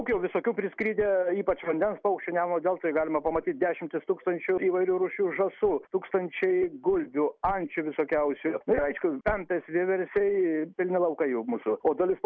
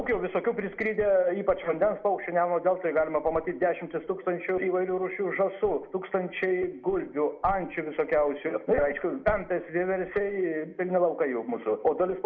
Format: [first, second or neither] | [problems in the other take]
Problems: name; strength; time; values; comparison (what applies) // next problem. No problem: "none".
first | room echo; dies away in 0.8 s